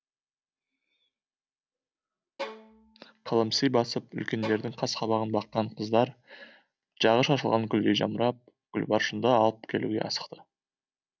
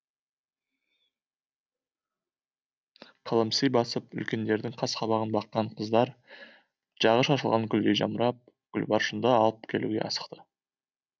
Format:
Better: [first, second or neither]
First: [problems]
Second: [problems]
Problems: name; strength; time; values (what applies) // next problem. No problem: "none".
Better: second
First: background sound (Bowed string instrument); 16 dB below the speech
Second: none